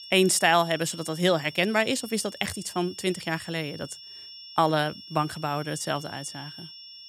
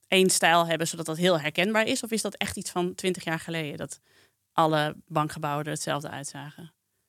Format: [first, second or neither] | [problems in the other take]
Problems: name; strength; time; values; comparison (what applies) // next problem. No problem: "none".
second | high-pitched whine; noticeable; throughout; 5.5 kHz, 15 dB below the speech